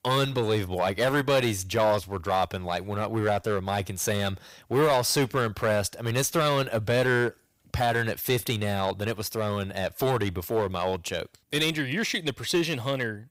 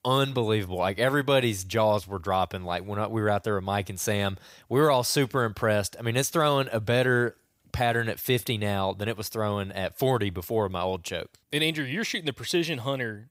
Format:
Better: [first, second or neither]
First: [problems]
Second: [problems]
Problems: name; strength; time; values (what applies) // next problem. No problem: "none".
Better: second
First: distortion; slight; 5% of the sound clipped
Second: none